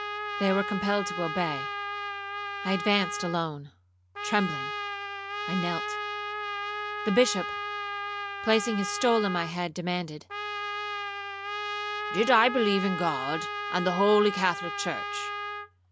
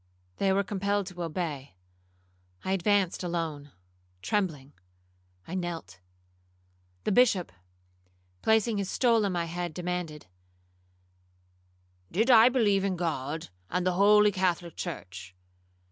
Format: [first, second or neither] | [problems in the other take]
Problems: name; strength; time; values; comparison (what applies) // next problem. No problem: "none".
second | background sound (Trumpet); 5 dB below the speech